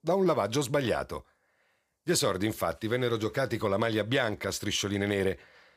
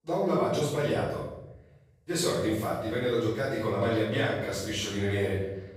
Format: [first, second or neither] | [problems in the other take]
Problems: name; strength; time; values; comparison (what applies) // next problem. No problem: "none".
first | off-mic speech; far // room echo; strong; dies away in 1 s